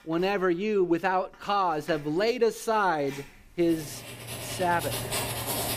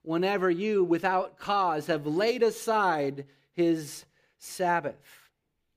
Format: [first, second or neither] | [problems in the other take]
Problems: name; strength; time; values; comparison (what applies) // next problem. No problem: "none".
second | household noises; loud; throughout; 7 dB below the speech